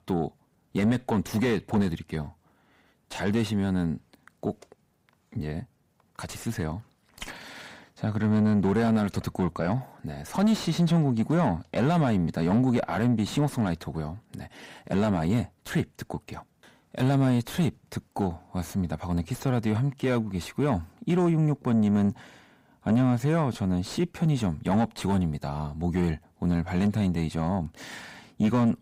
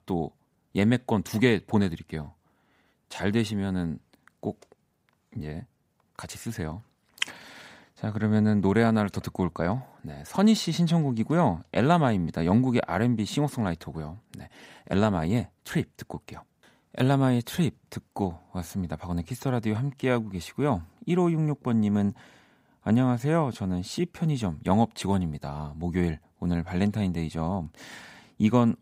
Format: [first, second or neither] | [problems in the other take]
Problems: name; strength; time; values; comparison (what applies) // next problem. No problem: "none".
second | distortion; slight; 10 dB below the speech